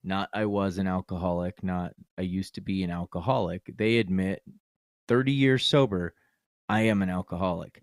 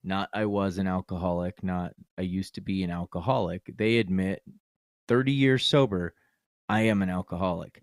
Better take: neither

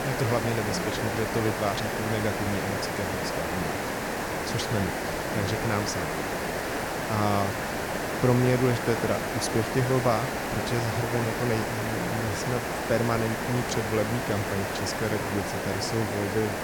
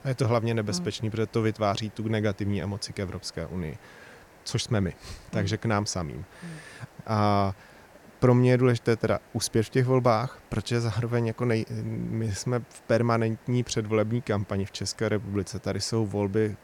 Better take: second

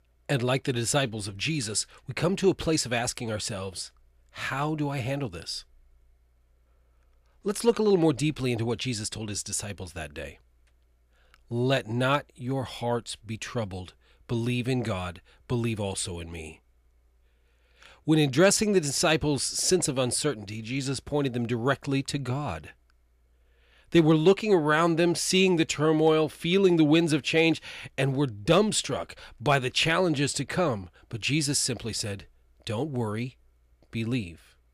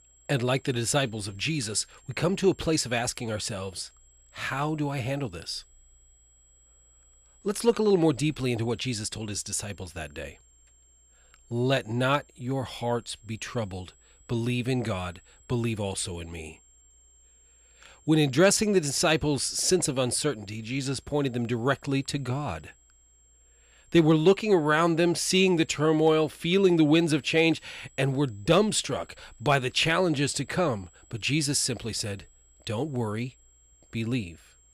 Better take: first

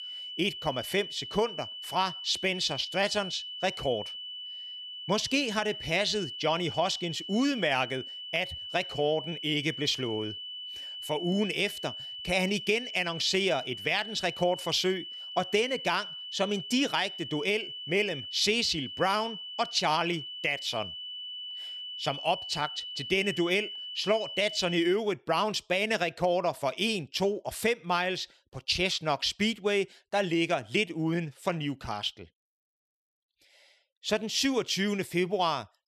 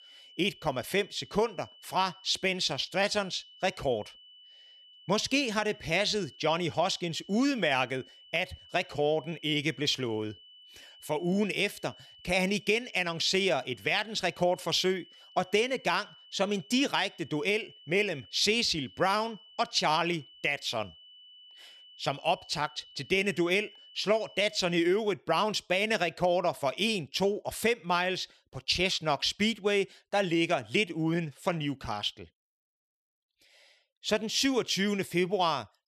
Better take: second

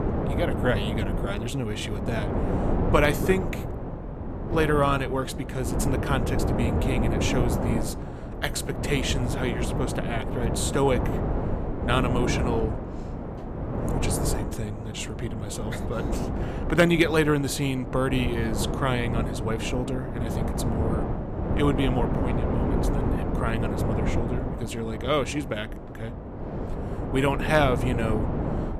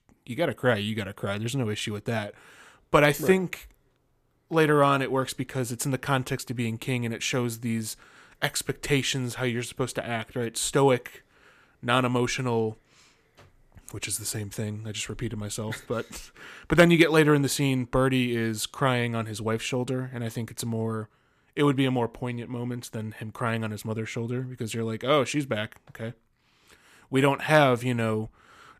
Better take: second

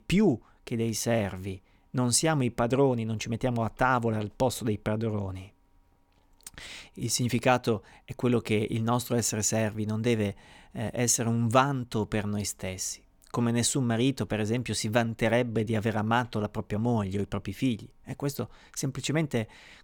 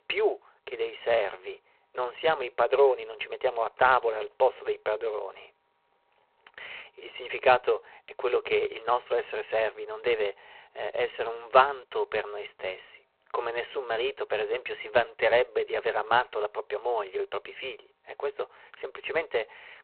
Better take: first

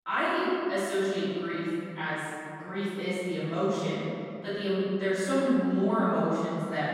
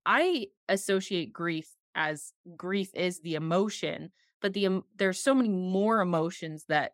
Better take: second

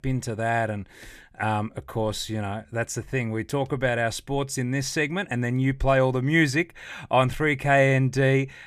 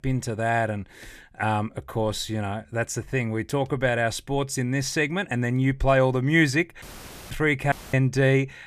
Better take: first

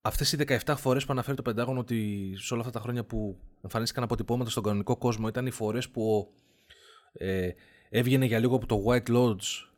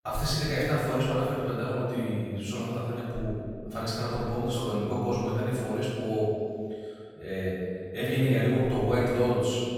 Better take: first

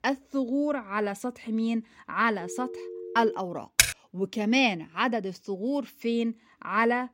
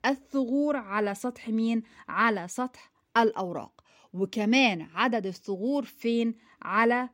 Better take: second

